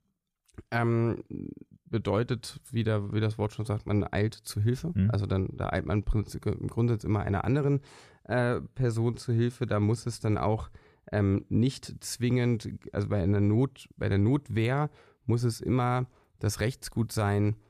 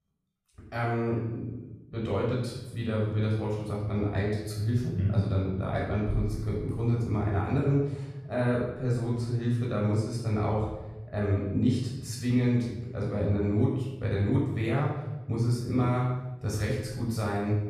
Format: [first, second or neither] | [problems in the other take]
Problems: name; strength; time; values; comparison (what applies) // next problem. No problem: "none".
first | off-mic speech; far // room echo; noticeable; dies away in 0.9 s